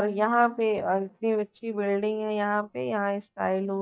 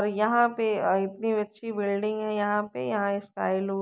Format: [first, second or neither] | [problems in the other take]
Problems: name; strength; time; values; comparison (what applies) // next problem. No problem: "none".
second | noise reduction (neural mask model DeepFilterNet 3)